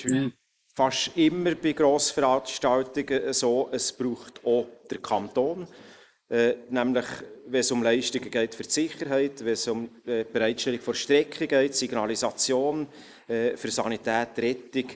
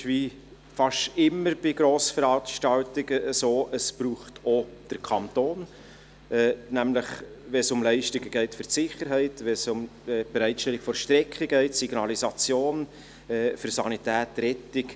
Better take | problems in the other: second | noise reduction (neural mask model Resemble Enhance denoiser)

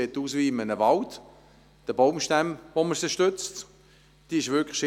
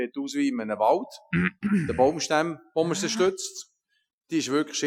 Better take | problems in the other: first | noise reduction (classical method Wiener filter)

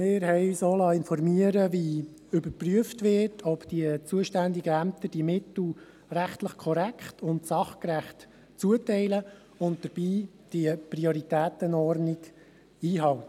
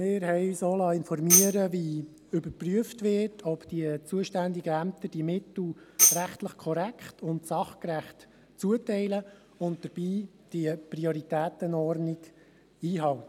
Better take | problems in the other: first | background sound (Tambourine); 3 dB above the speech

